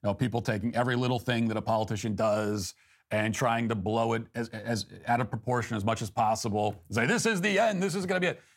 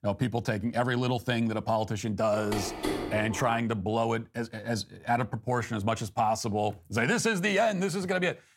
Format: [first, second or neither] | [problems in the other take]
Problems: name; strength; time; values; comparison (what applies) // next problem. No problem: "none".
first | phone ringing; noticeable; from 2.5 to 3.5 s; peak 3 dB below the speech